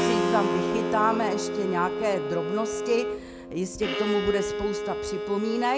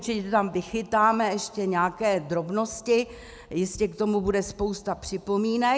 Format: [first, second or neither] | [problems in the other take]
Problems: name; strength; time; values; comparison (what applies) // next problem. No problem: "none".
second | background sound (Keyboard (musical) + Bowed string instrument); as loud as the speech